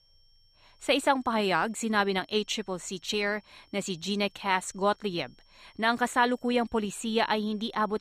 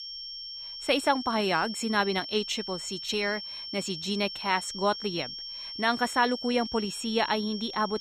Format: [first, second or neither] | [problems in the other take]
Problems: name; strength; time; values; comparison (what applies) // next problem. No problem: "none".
first | high-pitched whine; loud; throughout; 5.5 kHz, 7 dB below the speech; faint in the first